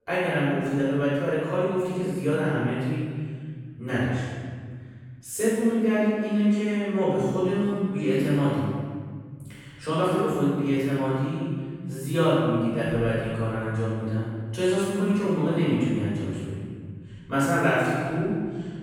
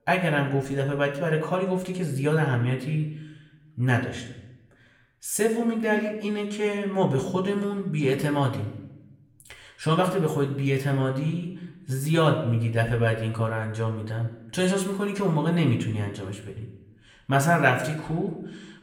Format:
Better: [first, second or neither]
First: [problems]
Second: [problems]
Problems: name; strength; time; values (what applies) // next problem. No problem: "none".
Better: second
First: room echo; strong; dies away in 1.9 s // off-mic speech; far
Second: room echo; slight; dies away in 0.7 s // off-mic speech; somewhat distant